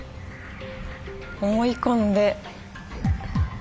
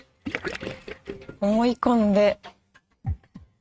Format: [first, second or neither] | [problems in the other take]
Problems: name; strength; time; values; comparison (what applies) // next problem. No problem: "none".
first | noise reduction (neural mask model RNNoise)